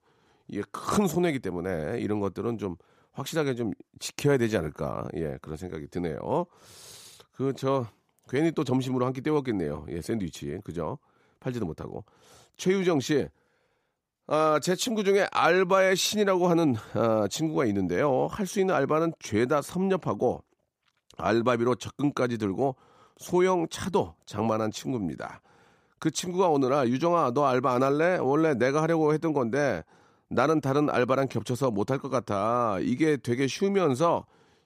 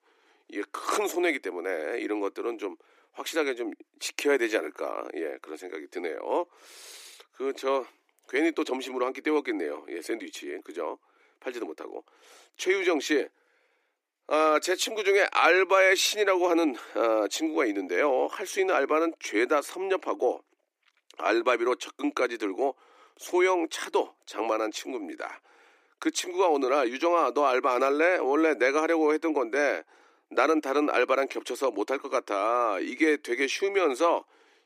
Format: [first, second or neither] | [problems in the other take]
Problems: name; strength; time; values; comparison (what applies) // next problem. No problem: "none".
first | thin; somewhat; fading below 300 Hz